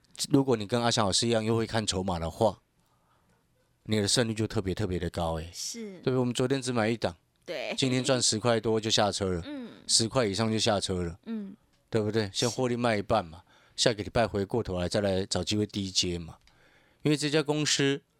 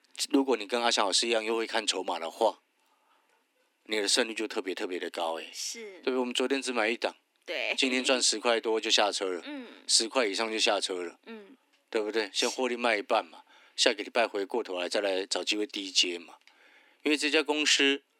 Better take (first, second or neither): first